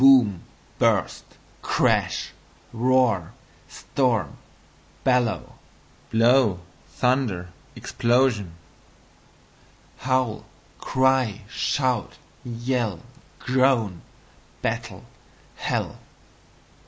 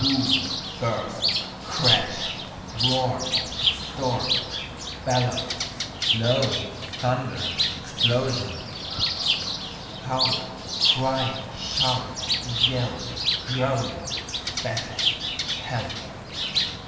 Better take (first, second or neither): first